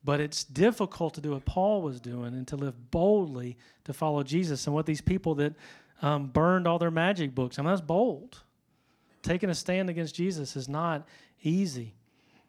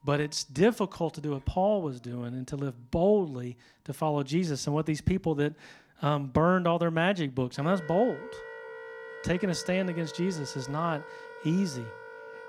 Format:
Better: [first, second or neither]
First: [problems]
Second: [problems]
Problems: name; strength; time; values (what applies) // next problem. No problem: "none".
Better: first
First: none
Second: background music; noticeable; throughout; 15 dB below the speech